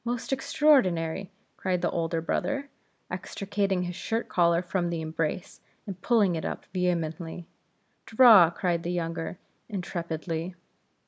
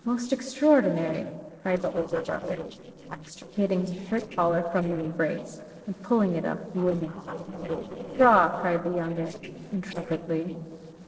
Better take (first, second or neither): first